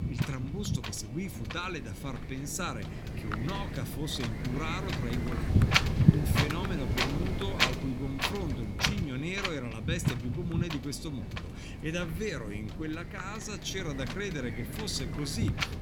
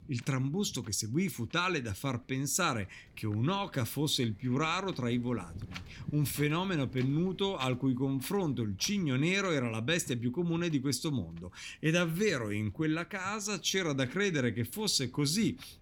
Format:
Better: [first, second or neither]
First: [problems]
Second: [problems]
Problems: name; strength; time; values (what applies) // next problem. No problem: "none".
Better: second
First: wind noise on the microphone; heavy; 4 dB above the speech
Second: wind noise on the microphone; occasional gusts; 20 dB below the speech